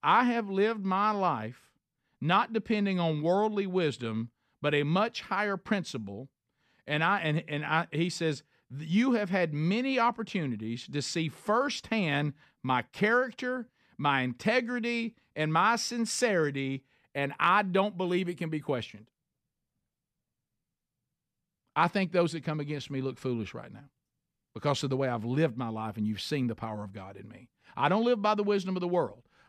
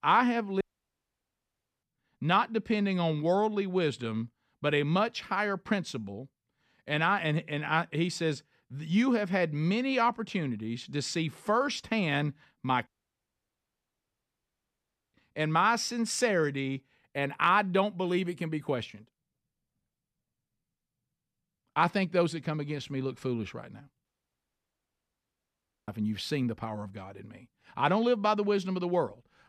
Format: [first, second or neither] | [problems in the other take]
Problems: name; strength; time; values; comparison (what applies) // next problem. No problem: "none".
first | audio cutting out; at 0.5 s for 1 s, at 13 s for 2.5 s and at 24 s for 2 s